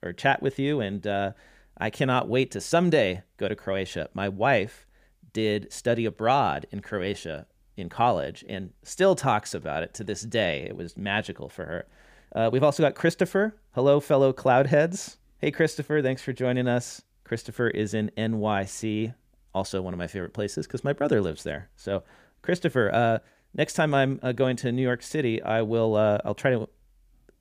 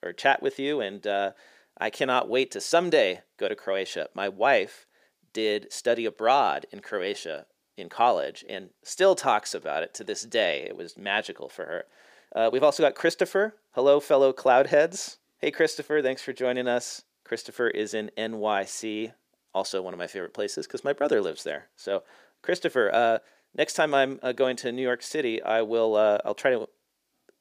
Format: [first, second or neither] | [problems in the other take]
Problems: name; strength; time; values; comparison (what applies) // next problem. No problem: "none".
first | thin; somewhat; fading below 400 Hz